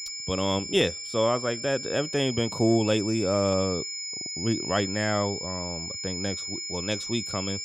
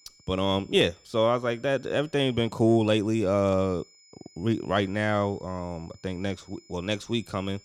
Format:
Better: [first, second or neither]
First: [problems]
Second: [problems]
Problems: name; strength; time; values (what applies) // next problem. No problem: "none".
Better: second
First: high-pitched whine; loud; throughout; 5 kHz, 5 dB below the speech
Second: high-pitched whine; faint; throughout; 5 kHz, 30 dB below the speech